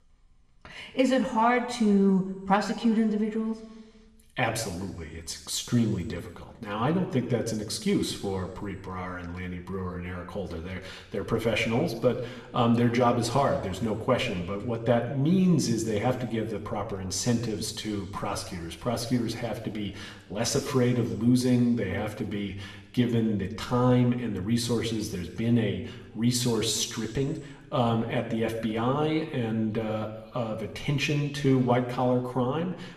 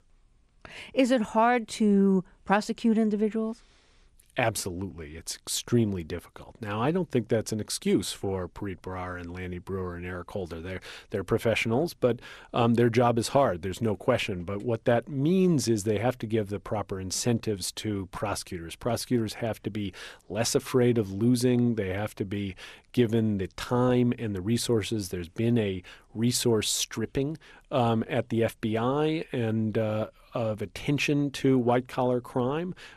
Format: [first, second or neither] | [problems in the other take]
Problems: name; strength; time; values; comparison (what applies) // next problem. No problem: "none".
second | room echo; slight; dies away in 1 s